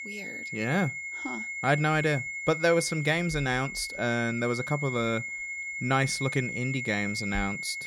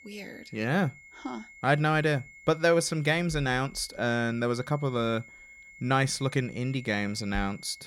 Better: second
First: high-pitched whine; loud; throughout; 2 kHz, 5 dB below the speech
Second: high-pitched whine; faint; throughout; 2 kHz, 20 dB below the speech

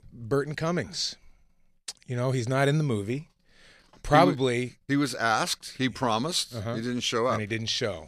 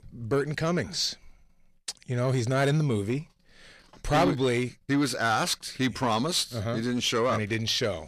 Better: first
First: none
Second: distortion; slight; 10 dB below the speech

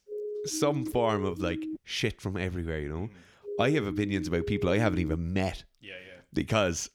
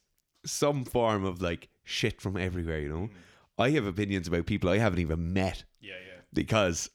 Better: second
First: siren; noticeable; until 2 s and from 3.5 to 5 s; peak 6 dB below the speech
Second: none

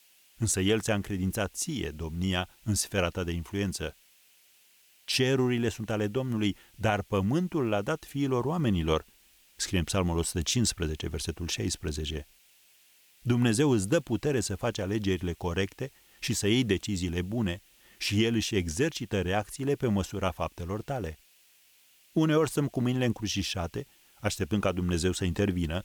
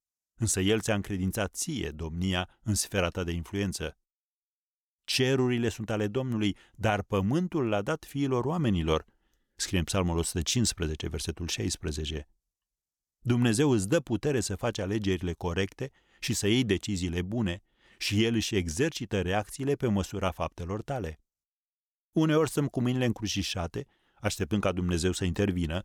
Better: second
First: hiss; faint; throughout; 30 dB below the speech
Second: none

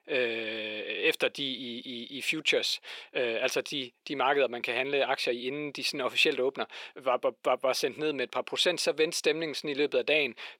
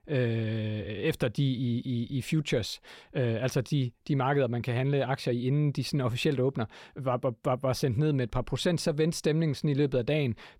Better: second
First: thin; very; fading below 400 Hz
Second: none

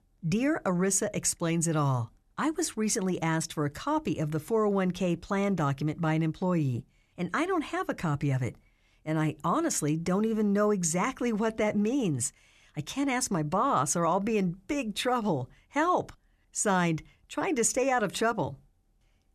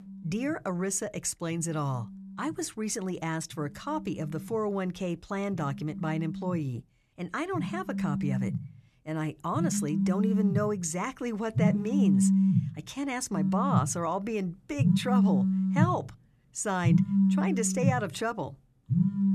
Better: first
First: none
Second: alarms or sirens; very loud; throughout; 4 dB above the speech

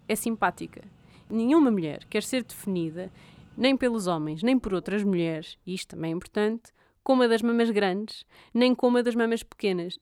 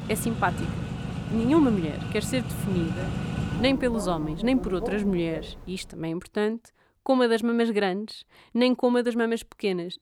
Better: first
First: traffic noise; faint; until 6 s; 30 dB below the speech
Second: traffic noise; loud; until 6 s; 6 dB below the speech

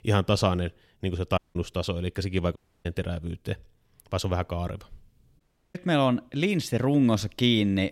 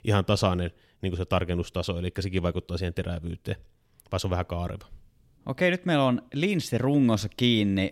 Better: second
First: audio cutting out; at 1.5 s, at 2.5 s and at 5.5 s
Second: none

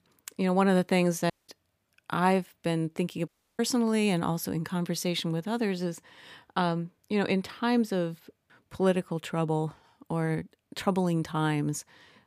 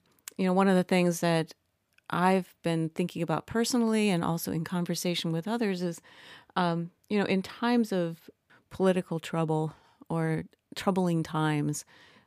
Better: second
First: audio cutting out; at 1.5 s and at 3.5 s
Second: none

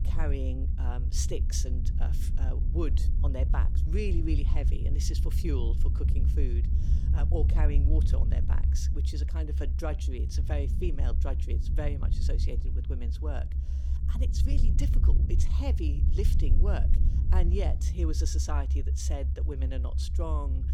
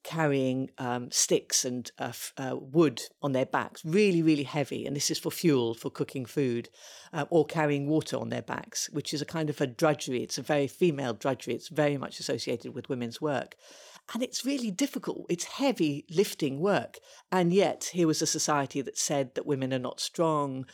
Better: second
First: low rumble; loud; throughout; 6 dB below the speech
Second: none

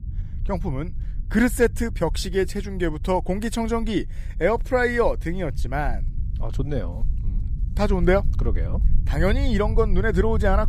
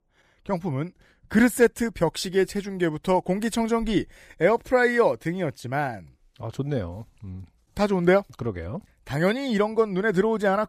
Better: second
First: low rumble; faint; throughout; 20 dB below the speech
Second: none

